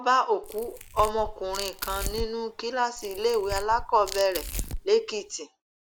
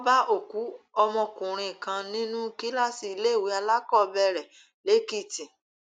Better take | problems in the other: second | background sound (Tearing); 9 dB below the speech

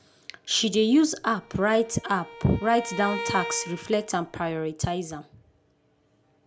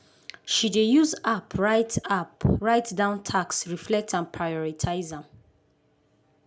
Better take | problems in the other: second | background sound (Bowed string instrument); 11 dB below the speech

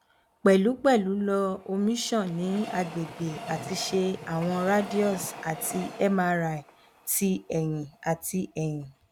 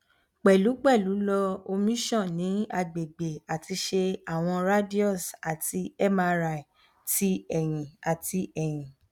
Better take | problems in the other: second | background sound (Train); 15 dB below the speech

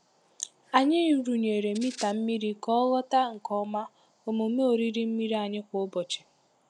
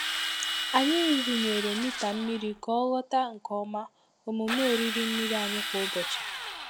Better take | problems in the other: first | background sound (Drill); 4 dB below the speech

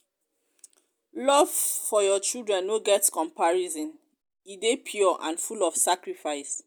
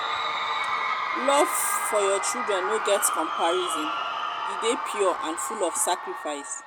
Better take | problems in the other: first | background sound (Crowd / Cheering); 1 dB below the speech

